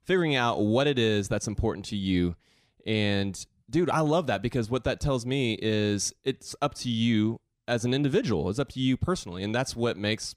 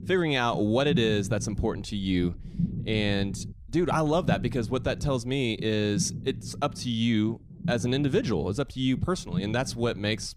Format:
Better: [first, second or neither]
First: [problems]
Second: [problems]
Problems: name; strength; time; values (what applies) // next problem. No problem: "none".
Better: first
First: none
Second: low rumble; noticeable; throughout; 15 dB below the speech